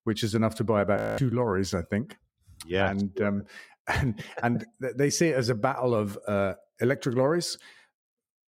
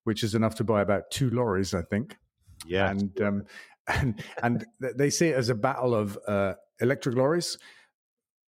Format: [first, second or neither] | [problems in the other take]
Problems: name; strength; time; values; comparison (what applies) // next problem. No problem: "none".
second | audio freezing; at 1 s